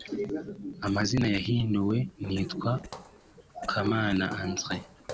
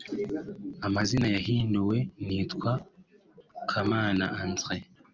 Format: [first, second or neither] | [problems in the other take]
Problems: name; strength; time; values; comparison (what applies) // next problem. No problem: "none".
second | background sound (Cough + Walk, footsteps); 19 dB below the speech